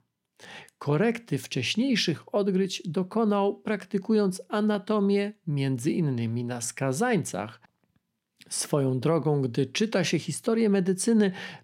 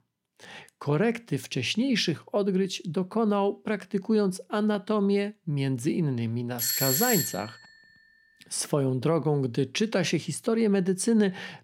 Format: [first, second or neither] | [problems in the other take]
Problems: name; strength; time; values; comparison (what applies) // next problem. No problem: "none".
first | doorbell; loud; at 6.5 s; peak 3 dB above the speech